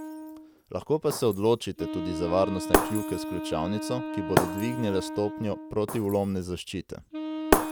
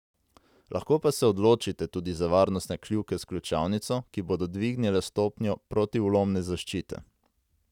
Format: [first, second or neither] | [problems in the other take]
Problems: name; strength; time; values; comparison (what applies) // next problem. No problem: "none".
second | background sound (Wind instrument, woodwind instrument + Shatter); 1 dB below the speech